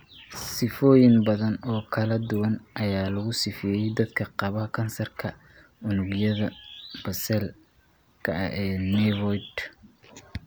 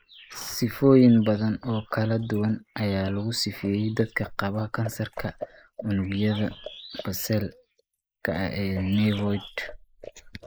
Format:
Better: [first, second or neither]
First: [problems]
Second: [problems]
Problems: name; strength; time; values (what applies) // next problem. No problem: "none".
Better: first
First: none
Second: noise reduction (neural mask model Resemble Enhance denoiser)